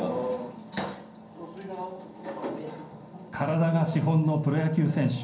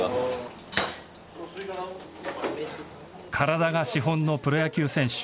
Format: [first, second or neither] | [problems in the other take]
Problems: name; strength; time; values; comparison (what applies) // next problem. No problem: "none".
second | room echo; dies away in 0.6 s